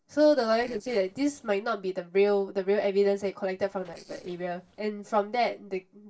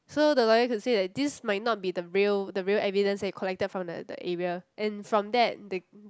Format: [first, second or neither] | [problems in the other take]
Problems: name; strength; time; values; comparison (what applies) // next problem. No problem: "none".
second | noise reduction (neural separator model SepFormer DNS4)